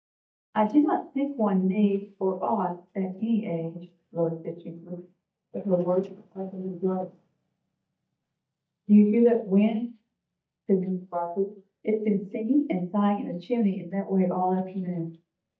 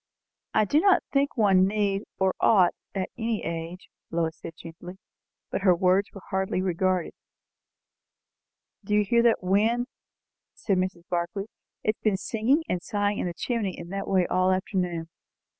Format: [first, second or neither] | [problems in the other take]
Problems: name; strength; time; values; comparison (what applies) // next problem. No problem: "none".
second | noise reduction (neural mask model DeepFilterNet 3)